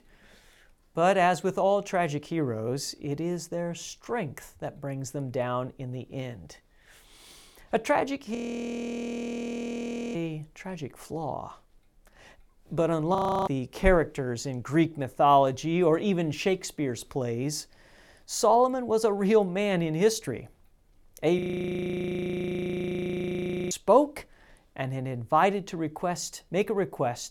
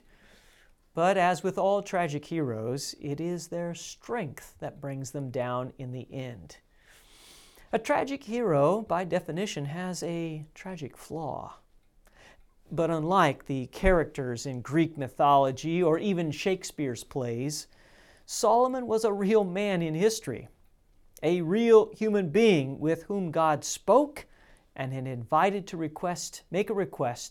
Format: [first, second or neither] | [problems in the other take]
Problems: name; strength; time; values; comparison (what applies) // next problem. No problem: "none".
second | audio freezing; at 8.5 s for 2 s, at 13 s and at 21 s for 2.5 s